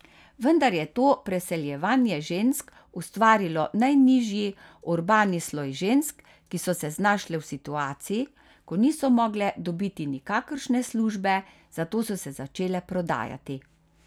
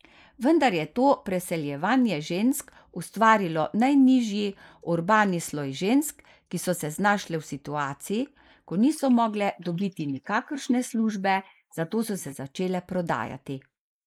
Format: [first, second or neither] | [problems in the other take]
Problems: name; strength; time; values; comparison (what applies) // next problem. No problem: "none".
first | noise reduction (neural mask model Resemble Enhance denoiser)